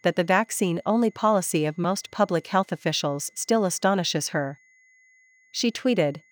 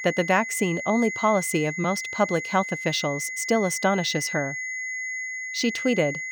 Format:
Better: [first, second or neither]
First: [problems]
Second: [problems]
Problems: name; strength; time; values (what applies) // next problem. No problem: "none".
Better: first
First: high-pitched whine; faint; throughout; 2 kHz, 35 dB below the speech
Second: high-pitched whine; loud; throughout; 2 kHz, 6 dB below the speech